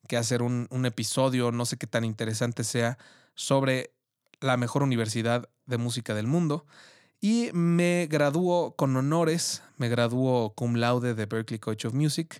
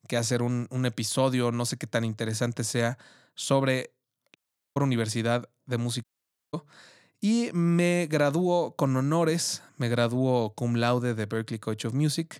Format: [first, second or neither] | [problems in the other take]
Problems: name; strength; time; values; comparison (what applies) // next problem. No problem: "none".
first | audio cutting out; at 4.5 s and at 6 s